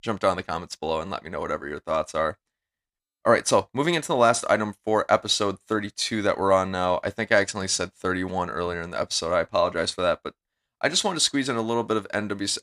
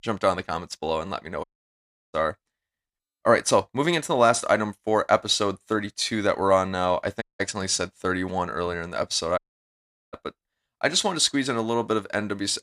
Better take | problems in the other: first | audio cutting out; at 1.5 s for 0.5 s, at 7 s and at 9.5 s for 1 s

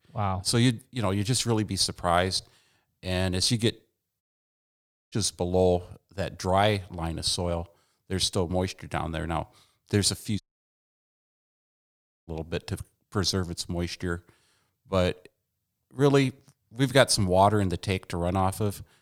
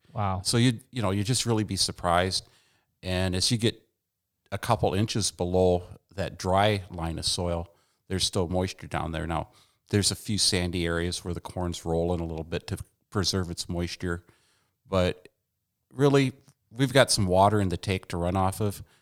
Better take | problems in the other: second | audio cutting out; at 4 s for 1 s and at 10 s for 2 s

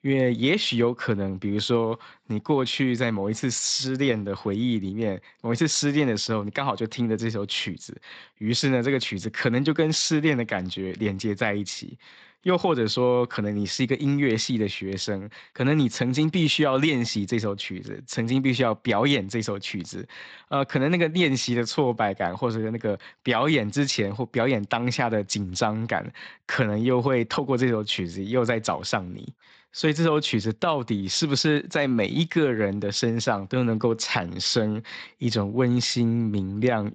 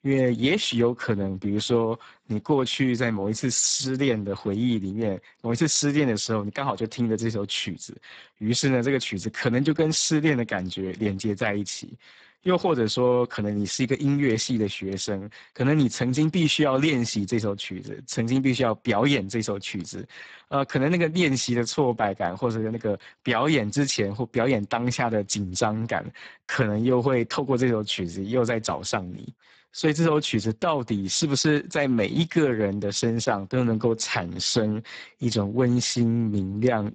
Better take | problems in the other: first | garbled, watery; badly; nothing above 7.5 kHz; slightly in the first

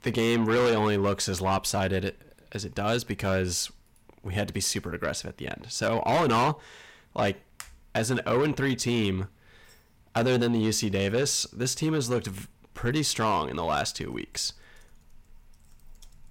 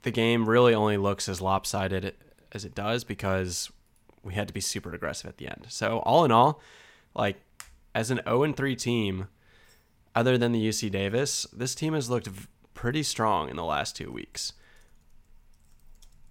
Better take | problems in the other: second | distortion; heavy; 7 dB below the speech

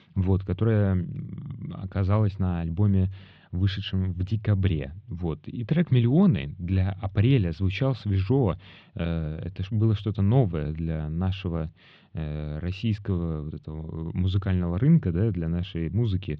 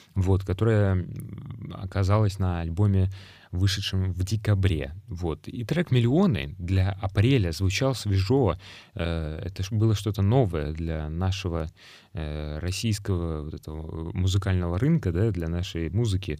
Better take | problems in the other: second | muffled; slightly; fading above 3.5 kHz

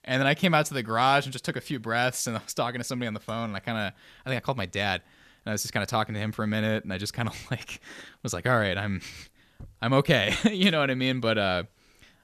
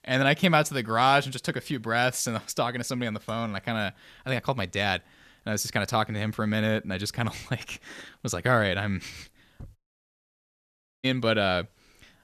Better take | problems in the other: first | audio cutting out; at 10 s for 1.5 s

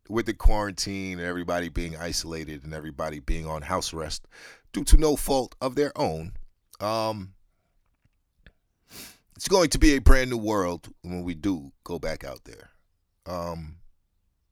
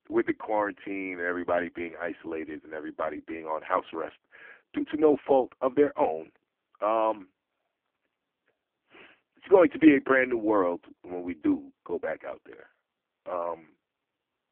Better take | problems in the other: first | phone-call audio; poor line

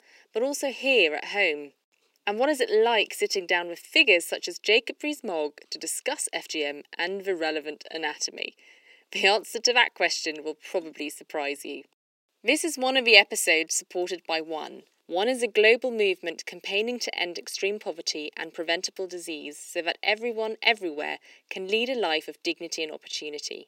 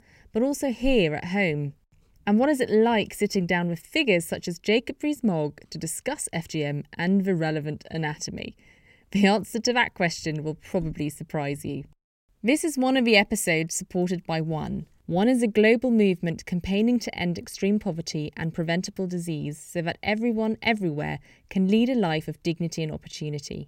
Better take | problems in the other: second | thin; very; fading below 350 Hz

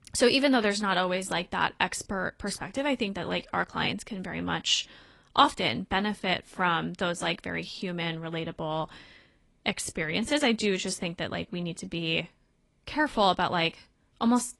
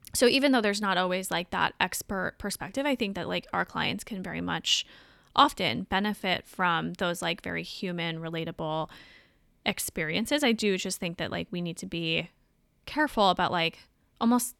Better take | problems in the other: second | garbled, watery; slightly; nothing above 11 kHz

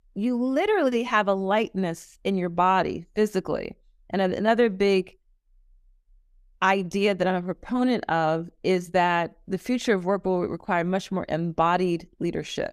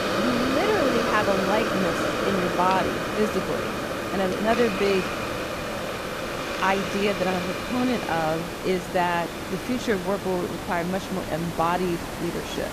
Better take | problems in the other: first | hiss; loud; throughout; 2 dB below the speech

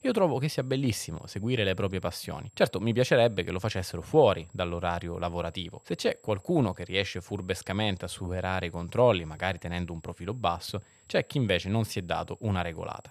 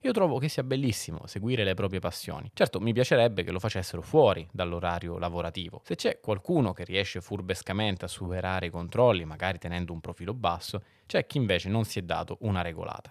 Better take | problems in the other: second | high-pitched whine; faint; throughout; 7.5 kHz, 30 dB below the speech

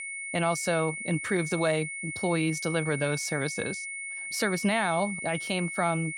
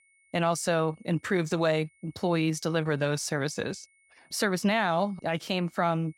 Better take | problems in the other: second | high-pitched whine; loud; throughout; 2 kHz, 5 dB below the speech; faint in the second

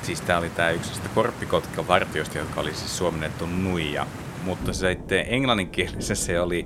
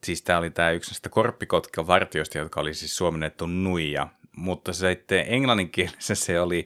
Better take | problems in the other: second | rain or running water; loud; throughout; 10 dB below the speech

